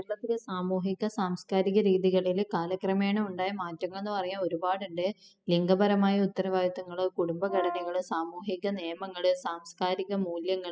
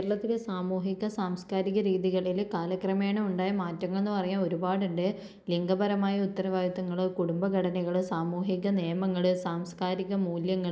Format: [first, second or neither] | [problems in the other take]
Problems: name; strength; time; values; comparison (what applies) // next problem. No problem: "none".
second | noise reduction (classical method spectral subtraction)